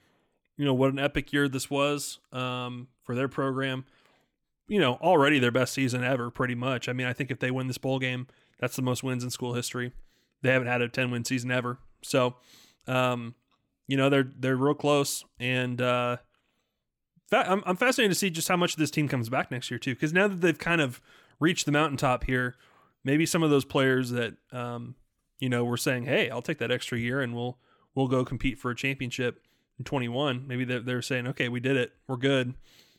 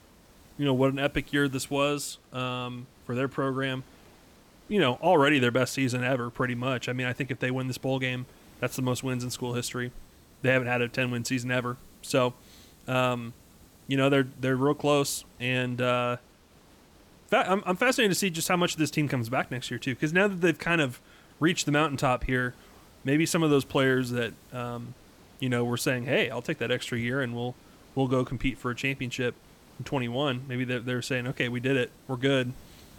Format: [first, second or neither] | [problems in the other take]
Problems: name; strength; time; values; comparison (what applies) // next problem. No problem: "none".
first | hiss; faint; throughout; 25 dB below the speech